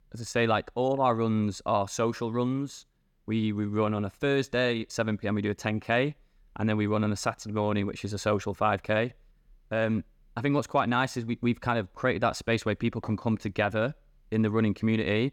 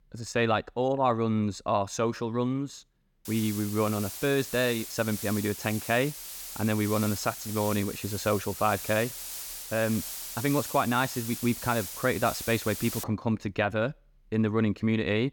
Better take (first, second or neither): first